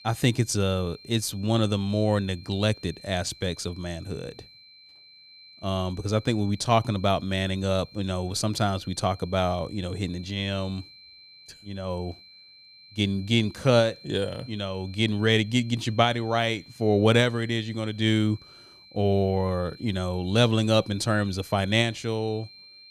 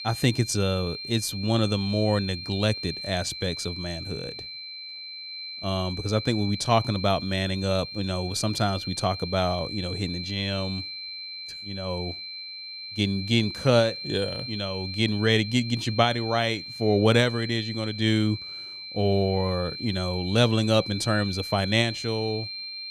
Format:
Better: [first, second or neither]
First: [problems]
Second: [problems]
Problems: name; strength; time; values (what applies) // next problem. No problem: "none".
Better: first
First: high-pitched whine; faint; throughout; 4 kHz, 20 dB below the speech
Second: high-pitched whine; loud; throughout; 4 kHz, 8 dB below the speech